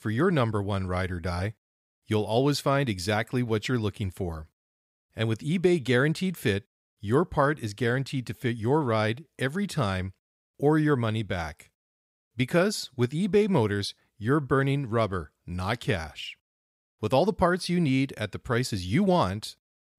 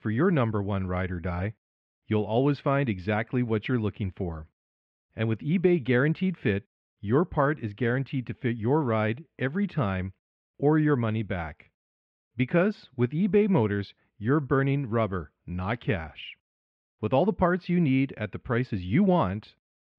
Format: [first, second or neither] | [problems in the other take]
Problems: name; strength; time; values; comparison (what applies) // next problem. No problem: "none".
first | muffled; very; fading above 2.5 kHz